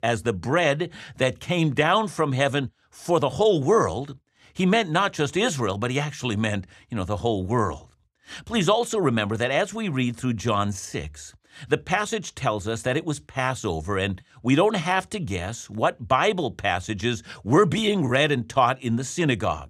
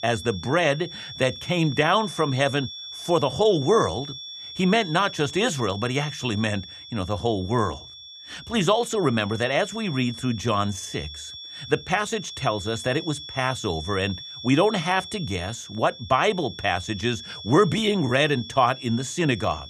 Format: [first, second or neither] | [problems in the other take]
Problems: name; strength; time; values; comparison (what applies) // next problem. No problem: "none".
first | high-pitched whine; noticeable; throughout; 3.5 kHz, 10 dB below the speech